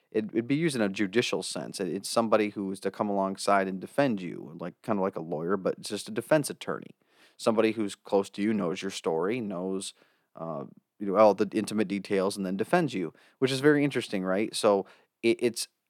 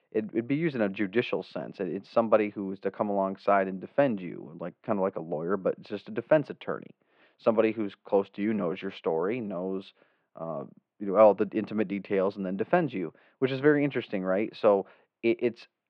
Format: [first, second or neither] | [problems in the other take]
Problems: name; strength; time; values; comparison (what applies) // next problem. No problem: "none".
first | muffled; very; fading above 3 kHz